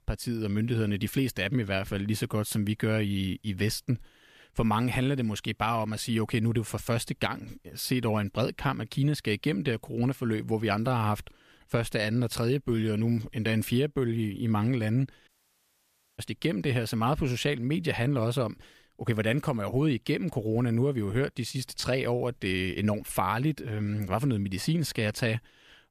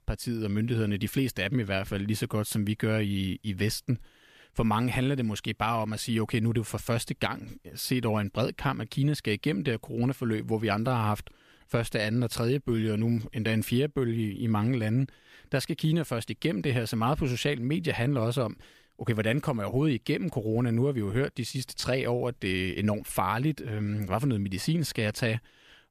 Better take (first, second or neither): second